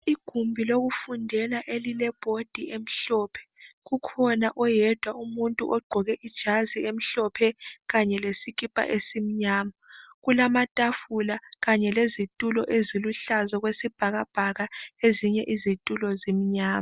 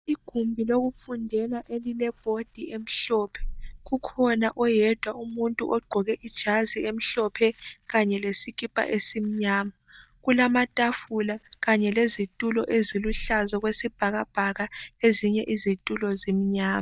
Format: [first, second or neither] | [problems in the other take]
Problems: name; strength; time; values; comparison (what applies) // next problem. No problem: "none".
first | noise reduction (neural mask model DeepFilterNet 3)